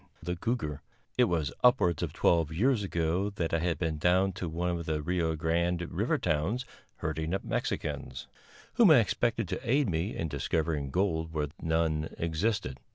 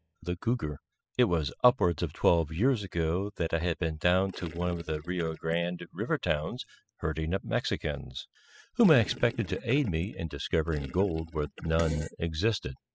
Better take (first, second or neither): first